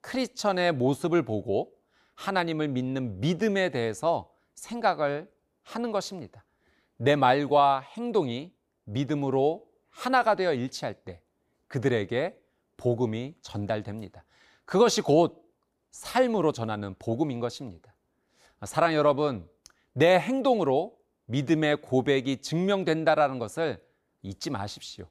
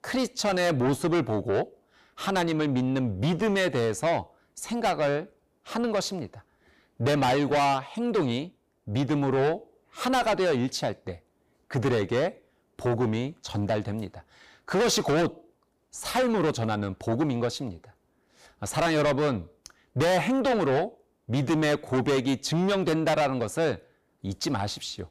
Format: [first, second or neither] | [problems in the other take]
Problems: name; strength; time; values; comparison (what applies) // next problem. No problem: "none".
first | distortion; heavy; 6 dB below the speech